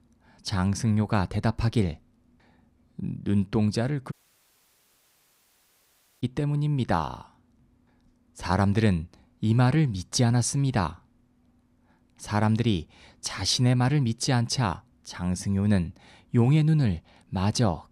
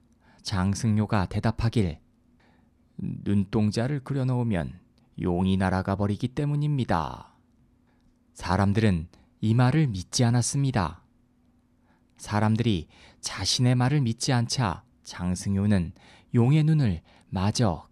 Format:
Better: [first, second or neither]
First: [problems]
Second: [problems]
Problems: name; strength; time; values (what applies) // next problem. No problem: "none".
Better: second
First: audio cutting out; at 4 s for 2 s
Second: none